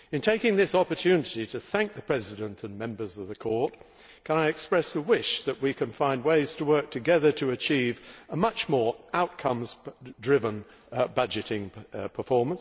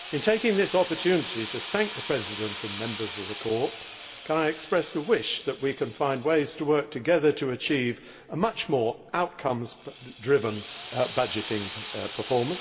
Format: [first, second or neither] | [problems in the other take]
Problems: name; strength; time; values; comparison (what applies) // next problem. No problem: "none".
first | background sound (Drill); 13 dB below the speech // room echo; dies away in 2.1 s